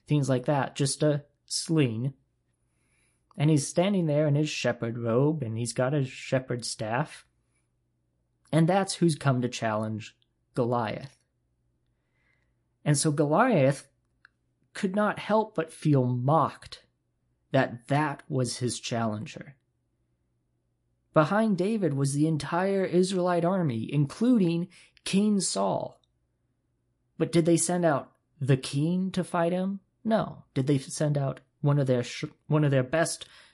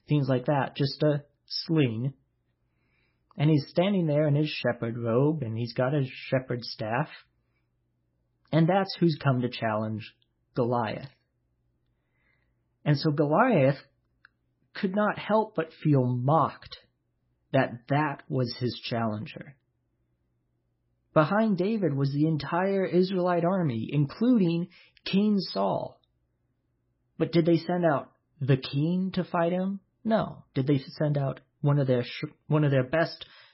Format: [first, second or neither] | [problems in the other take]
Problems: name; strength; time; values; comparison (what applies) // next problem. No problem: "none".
first | garbled, watery; badly; nothing above 5.5 kHz; slightly in the first